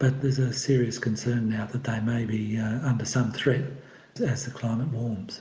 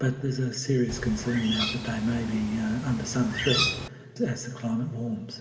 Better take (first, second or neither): first